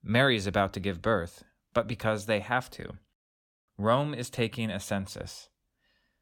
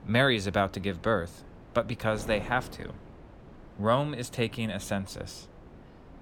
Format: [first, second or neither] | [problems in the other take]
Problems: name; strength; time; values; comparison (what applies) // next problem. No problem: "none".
first | wind noise on the microphone; occasional gusts; 20 dB below the speech